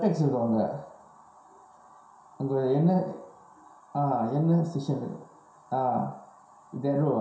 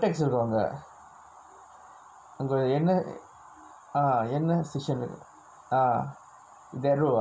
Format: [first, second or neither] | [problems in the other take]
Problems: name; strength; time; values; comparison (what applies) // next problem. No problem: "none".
second | room echo; dies away in 0.7 s